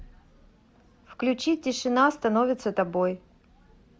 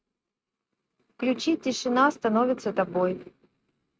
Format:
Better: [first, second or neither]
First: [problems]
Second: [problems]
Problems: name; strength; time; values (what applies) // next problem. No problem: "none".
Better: first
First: none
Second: noise reduction (neural mask model RNNoise)